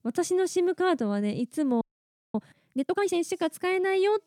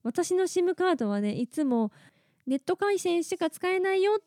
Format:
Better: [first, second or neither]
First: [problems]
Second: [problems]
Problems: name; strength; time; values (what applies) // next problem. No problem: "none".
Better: second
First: audio freezing; at 2 s for 0.5 s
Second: none